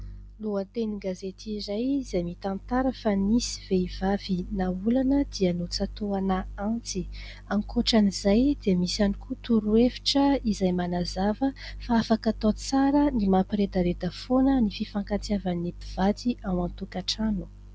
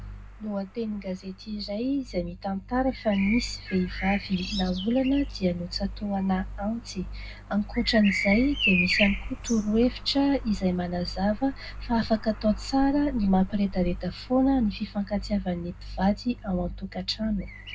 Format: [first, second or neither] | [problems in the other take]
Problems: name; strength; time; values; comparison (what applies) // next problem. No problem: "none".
first | background sound (Bird vocalization, bird call, bird song); 10 dB below the speech // room echo; dies away in 0.3 s